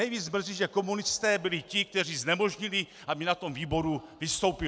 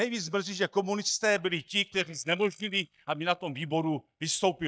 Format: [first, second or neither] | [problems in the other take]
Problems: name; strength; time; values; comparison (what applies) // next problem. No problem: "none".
first | noise reduction (neural mask model DeepFilterNet 3)